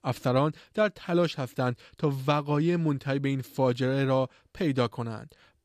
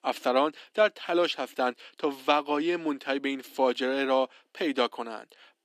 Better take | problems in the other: first | thin; somewhat; fading below 250 Hz

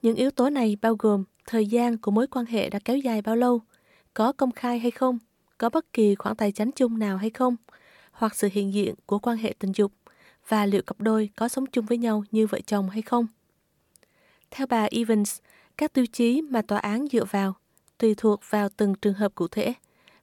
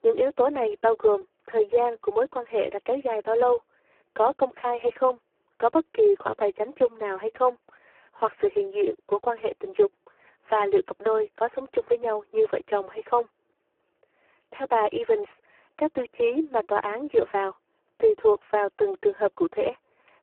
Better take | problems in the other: first | phone-call audio; poor line

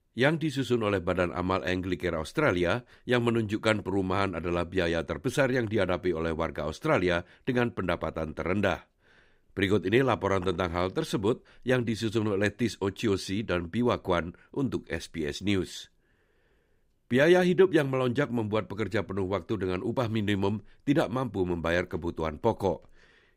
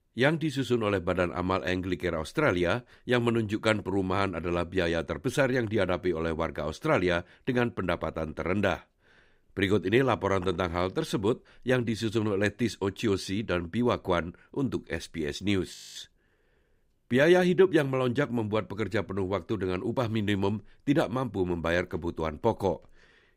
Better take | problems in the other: first | audio freezing; at 16 s

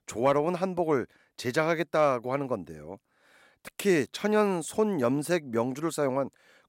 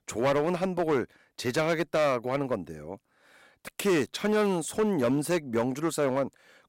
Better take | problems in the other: first | distortion; slight; 7% of the sound clipped

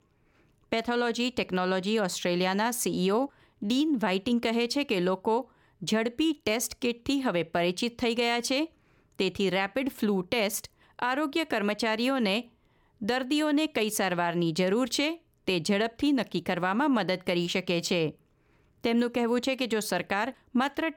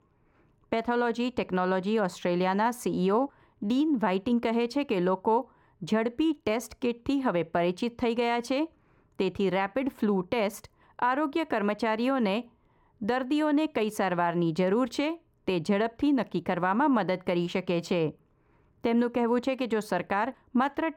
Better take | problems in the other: first | muffled; slightly; fading above 2.5 kHz

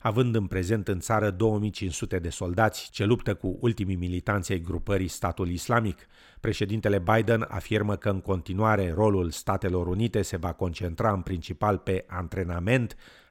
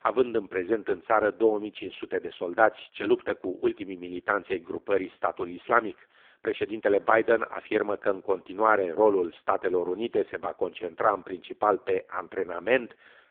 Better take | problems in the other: first | phone-call audio; poor line

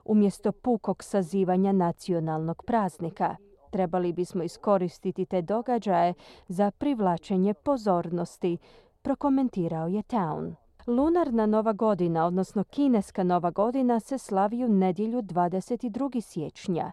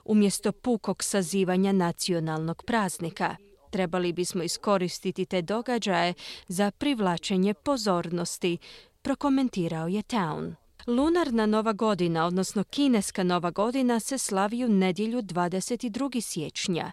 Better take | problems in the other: second | muffled; very; fading above 1.5 kHz

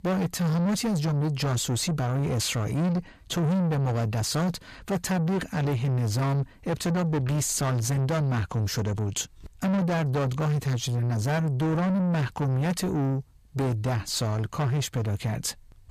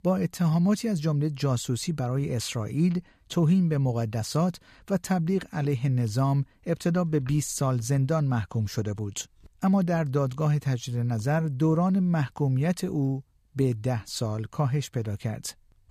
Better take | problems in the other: second | distortion; heavy; 7 dB below the speech

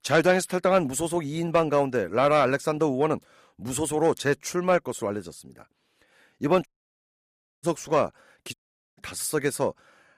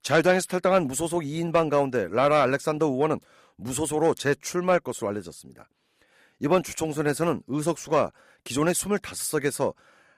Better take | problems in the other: second | audio cutting out; at 6.5 s for 1 s and at 8.5 s

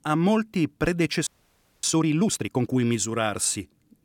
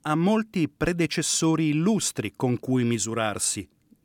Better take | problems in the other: second | audio freezing; at 1.5 s for 0.5 s

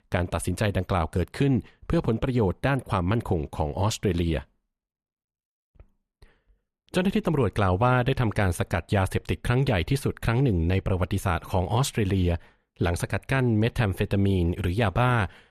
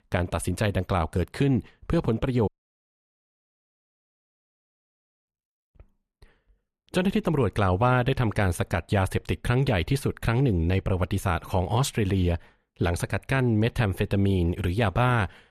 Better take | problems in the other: first | audio cutting out; at 2.5 s for 3 s

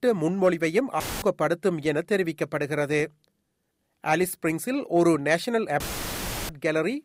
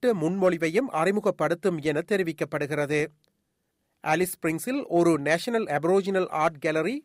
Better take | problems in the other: second | audio cutting out; filled with static; at 1 s and at 6 s for 0.5 s

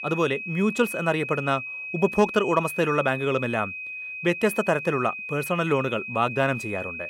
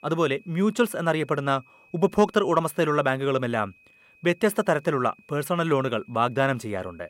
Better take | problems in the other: second | high-pitched whine; loud; throughout; 2.5 kHz, 7 dB below the speech; faint in the second

